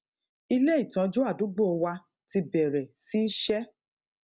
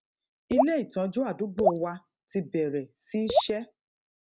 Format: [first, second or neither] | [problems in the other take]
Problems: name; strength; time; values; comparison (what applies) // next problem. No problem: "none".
first | background sound (Raindrop / Drip); 2 dB above the speech